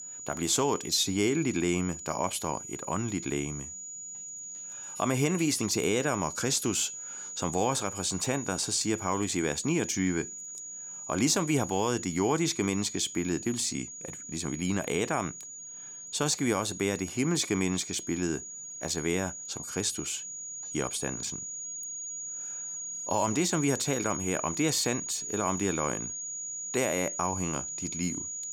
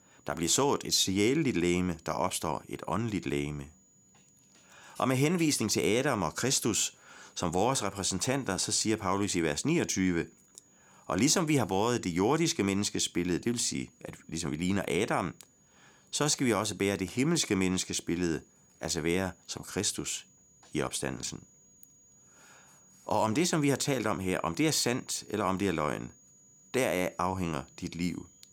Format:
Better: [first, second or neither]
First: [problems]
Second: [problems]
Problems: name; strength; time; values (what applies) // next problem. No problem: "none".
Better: second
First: high-pitched whine; loud; throughout; 7 kHz, 7 dB below the speech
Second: high-pitched whine; faint; throughout; 7 kHz, 30 dB below the speech